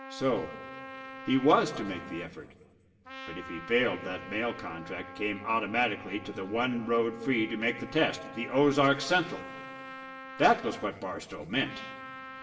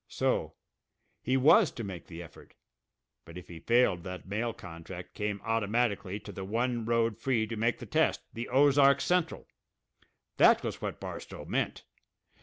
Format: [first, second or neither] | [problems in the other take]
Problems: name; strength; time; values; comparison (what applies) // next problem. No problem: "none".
second | background sound (Trumpet); 14 dB below the speech // room echo; dies away in 2.5 s